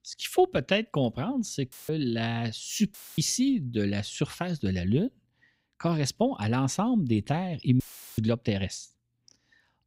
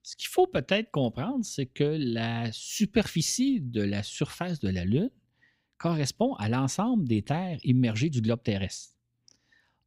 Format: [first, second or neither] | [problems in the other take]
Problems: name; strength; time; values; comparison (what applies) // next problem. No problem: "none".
second | audio cutting out; filled with static; at 1.5 s, at 3 s and at 8 s